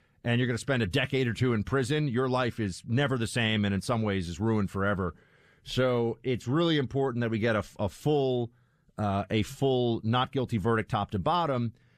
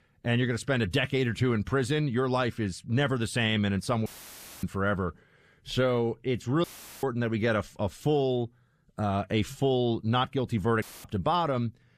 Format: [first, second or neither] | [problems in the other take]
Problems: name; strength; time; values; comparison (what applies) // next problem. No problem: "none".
first | audio cutting out; filled with static; at 4 s for 0.5 s, at 6.5 s and at 11 s